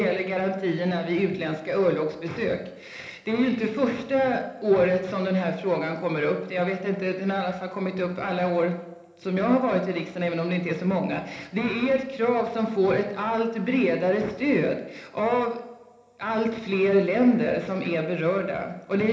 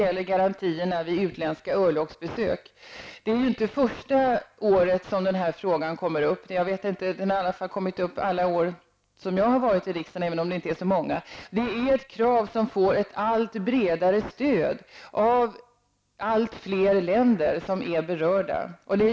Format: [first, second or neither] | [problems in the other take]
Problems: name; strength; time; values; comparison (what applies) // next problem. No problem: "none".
second | room echo; dies away in 1 s